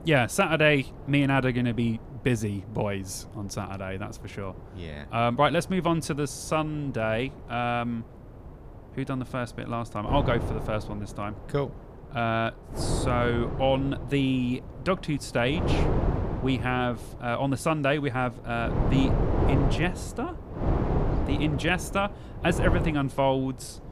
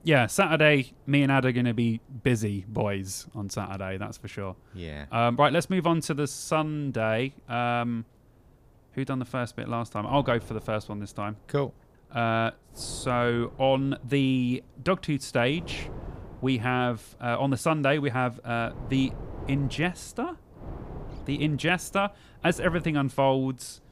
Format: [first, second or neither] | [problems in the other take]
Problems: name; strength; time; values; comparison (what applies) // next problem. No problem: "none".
second | wind noise on the microphone; heavy; 7 dB below the speech; occasional gusts in the second